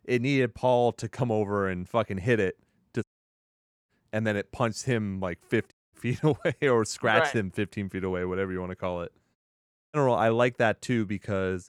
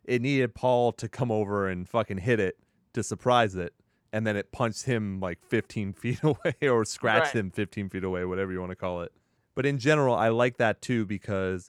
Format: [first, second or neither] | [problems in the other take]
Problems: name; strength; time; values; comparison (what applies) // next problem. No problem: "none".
second | audio cutting out; at 3 s for 1 s, at 5.5 s and at 9.5 s for 0.5 s